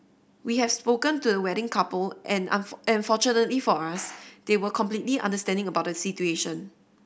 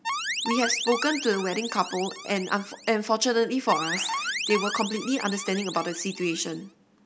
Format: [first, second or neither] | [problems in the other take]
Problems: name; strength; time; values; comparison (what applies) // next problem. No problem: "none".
first | background sound (Alarm); 6 dB below the speech